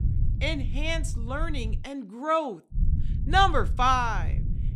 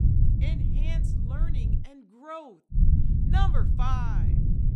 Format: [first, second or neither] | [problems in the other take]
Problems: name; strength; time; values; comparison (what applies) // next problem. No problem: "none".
first | low rumble; loud; until 2 s and from 3 s on; 3 dB below the speech; faint in the first